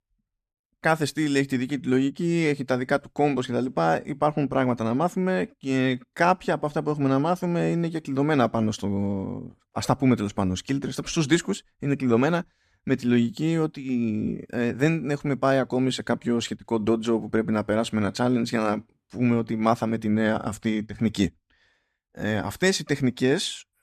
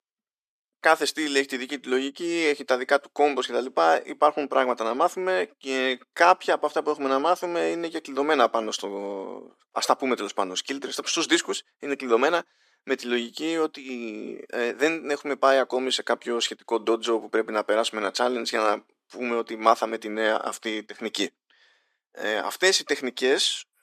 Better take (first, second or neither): first